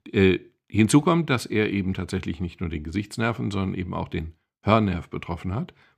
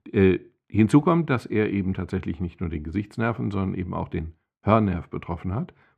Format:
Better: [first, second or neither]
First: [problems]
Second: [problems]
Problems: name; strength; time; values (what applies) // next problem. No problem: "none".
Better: first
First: none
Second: muffled; slightly; fading above 2.5 kHz